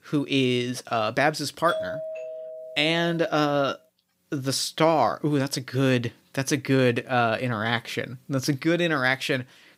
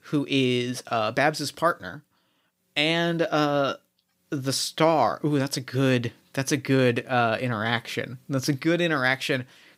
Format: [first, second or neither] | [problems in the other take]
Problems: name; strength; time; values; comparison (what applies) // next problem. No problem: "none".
second | doorbell; noticeable; from 1.5 to 3.5 s; peak 6 dB below the speech